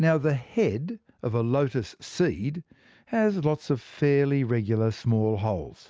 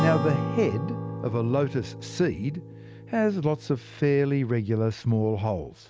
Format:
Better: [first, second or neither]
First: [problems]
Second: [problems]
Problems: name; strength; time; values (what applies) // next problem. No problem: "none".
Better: first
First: none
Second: background sound (Acoustic guitar / Strum); 8 dB below the speech